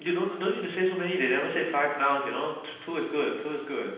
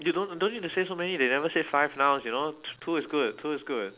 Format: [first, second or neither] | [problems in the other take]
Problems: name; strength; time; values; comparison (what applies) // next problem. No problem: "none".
second | room echo; dies away in 0.9 s